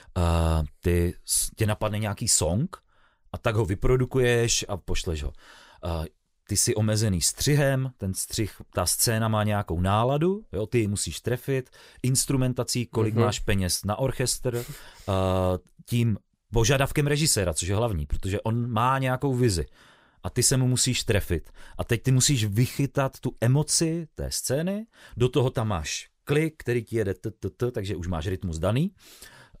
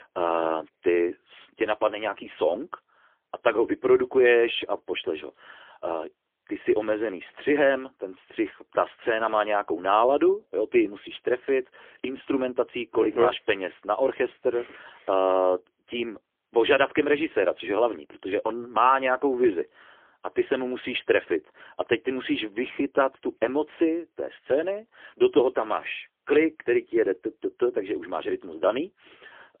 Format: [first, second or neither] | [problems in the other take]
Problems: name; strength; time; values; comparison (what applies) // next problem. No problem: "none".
first | phone-call audio; poor line; nothing above 3.5 kHz